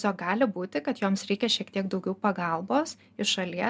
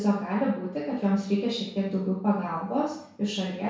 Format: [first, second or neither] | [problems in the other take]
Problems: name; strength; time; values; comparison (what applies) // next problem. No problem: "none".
first | room echo; dies away in 0.6 s